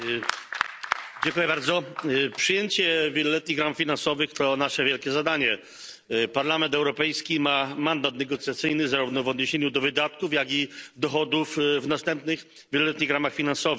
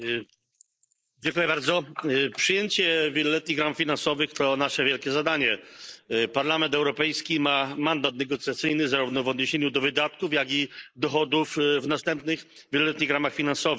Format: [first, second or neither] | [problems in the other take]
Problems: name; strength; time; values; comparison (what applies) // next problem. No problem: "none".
first | noise reduction (neural mask model Resemble Enhance denoiser)